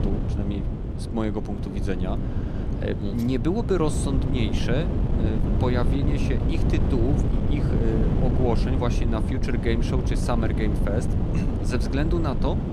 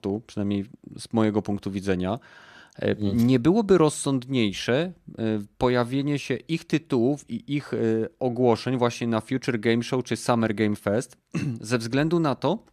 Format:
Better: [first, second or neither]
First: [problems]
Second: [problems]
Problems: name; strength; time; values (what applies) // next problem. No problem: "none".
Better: second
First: wind noise on the microphone; heavy; 3 dB below the speech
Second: none